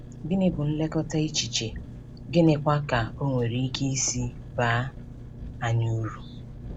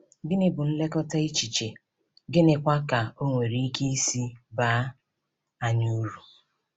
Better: second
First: background sound (Engine); 12 dB below the speech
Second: none

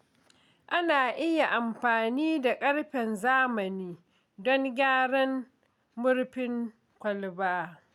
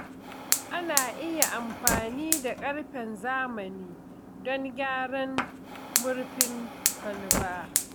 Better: first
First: none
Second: background sound (Fire); 1 dB above the speech

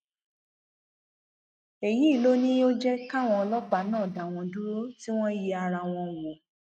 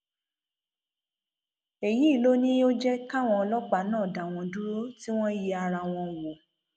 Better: second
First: noise reduction (neural mask model RNNoise)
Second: none

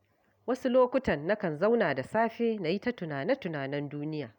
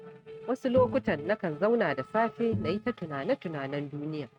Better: first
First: none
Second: noise reduction (neural mask model RNNoise)

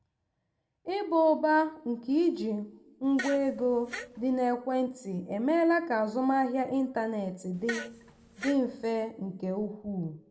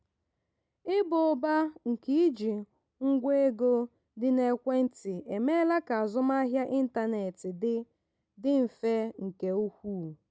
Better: second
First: background sound (Fart); 12 dB below the speech // room echo; dies away in 0.4 s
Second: none

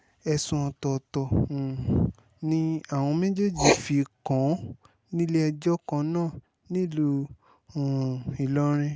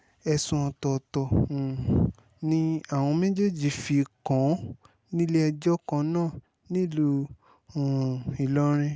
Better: second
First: background sound (Writing); 10 dB below the speech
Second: none

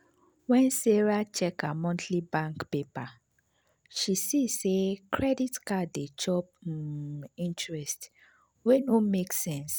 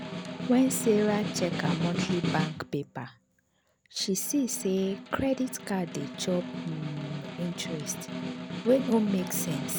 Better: first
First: none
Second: background sound (Snare drum); 6 dB below the speech

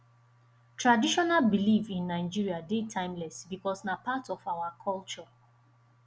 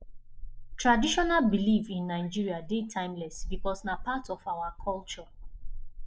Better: first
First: none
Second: noise reduction (neural mask model Resemble Enhance denoiser)

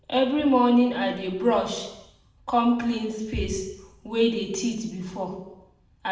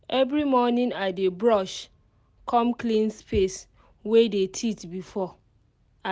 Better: second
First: room echo; dies away in 0.8 s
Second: none

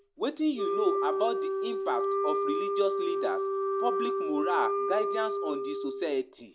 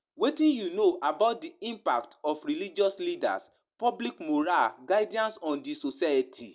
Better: second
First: background sound (Wind instrument, woodwind instrument); 2 dB above the speech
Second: none

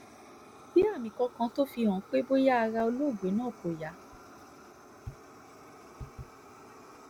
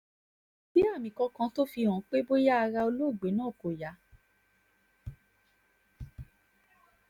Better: second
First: background sound (Fire); 20 dB below the speech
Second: none

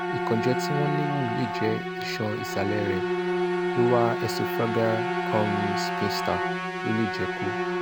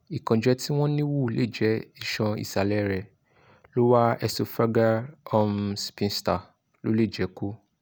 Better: second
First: background sound (Bowed string instrument + Musical instrument); 1 dB above the speech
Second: none

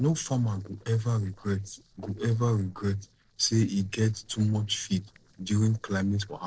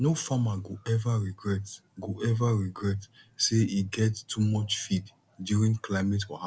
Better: second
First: noise reduction (neural separator model SepFormer DNS4)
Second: none

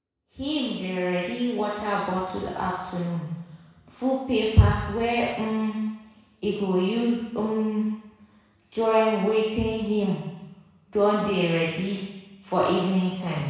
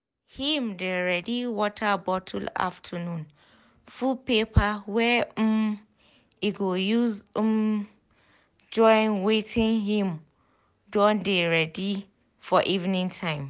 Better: second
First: room echo; dies away in 1.1 s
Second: none

